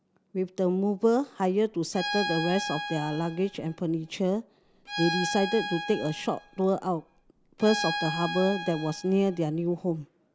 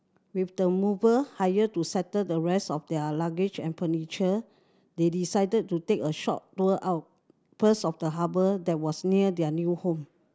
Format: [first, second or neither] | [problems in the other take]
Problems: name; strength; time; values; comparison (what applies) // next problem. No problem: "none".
second | background sound (Bowed string instrument); 8 dB below the speech